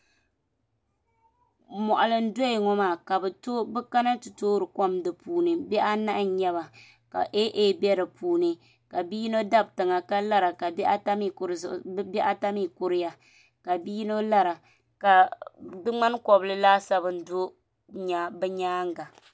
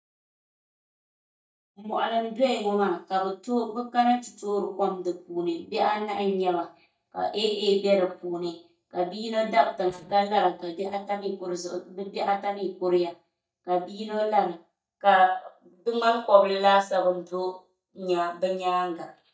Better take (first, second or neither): first